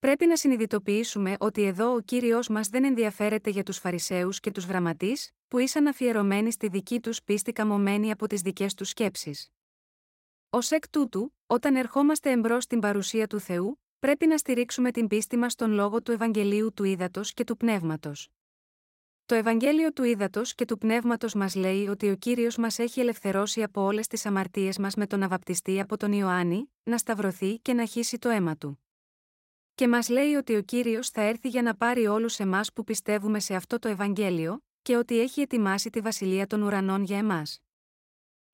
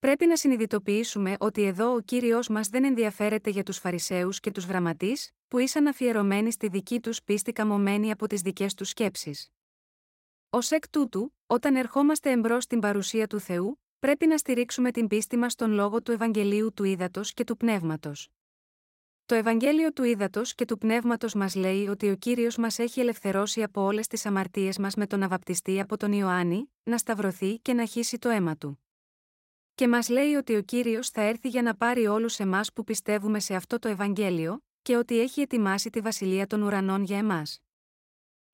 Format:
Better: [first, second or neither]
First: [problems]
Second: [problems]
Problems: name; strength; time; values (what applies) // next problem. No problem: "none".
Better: neither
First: none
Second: none